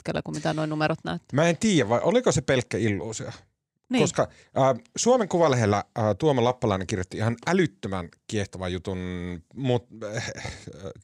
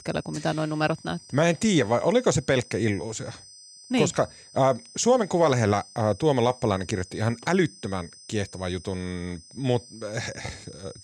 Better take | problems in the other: first | high-pitched whine; faint; throughout; 5 kHz, 20 dB below the speech

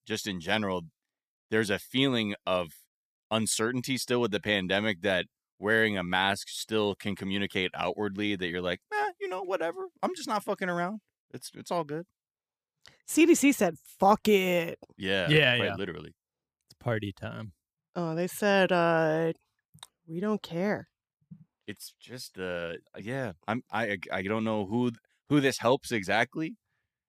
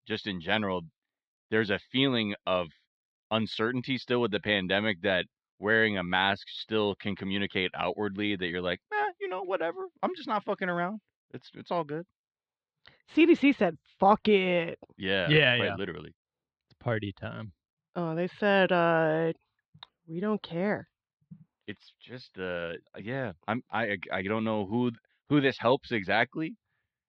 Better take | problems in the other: first | muffled; slightly; fading above 4 kHz

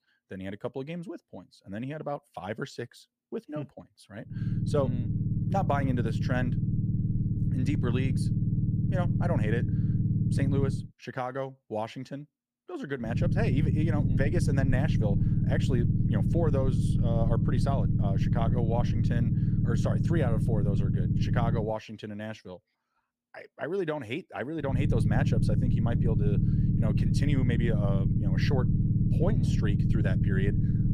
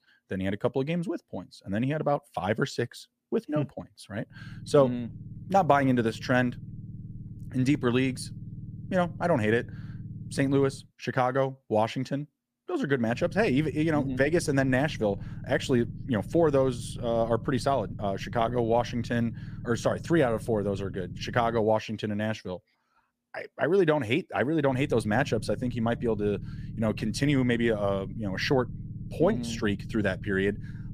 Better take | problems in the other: second | low rumble; loud; from 4.5 to 11 s, from 13 to 22 s and from 25 s on; 2 dB below the speech; faint in the second

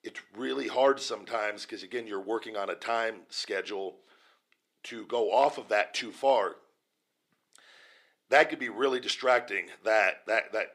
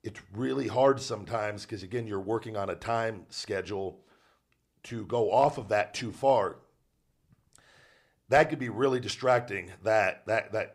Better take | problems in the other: second | thin; very slightly; fading below 300 Hz

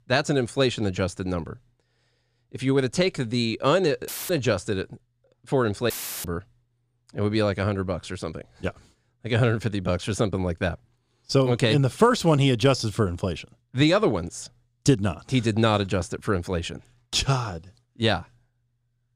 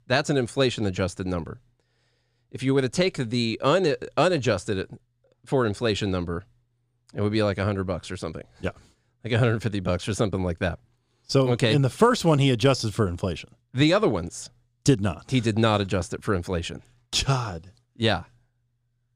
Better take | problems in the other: second | audio cutting out; filled with static; at 4 s and at 6 s

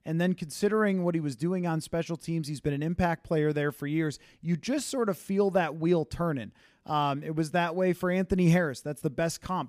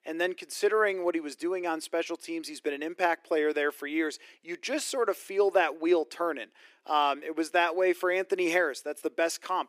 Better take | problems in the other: first | thin; very; fading below 350 Hz

